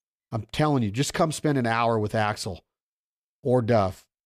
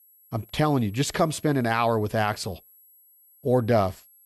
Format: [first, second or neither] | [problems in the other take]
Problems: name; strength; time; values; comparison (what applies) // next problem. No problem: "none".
first | high-pitched whine; faint; throughout; 11.5 kHz, 25 dB below the speech